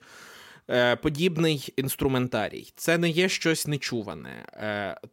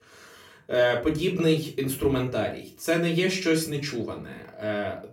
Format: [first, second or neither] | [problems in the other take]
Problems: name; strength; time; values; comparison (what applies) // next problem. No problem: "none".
first | off-mic speech; far // room echo; very slight; dies away in 0.3 s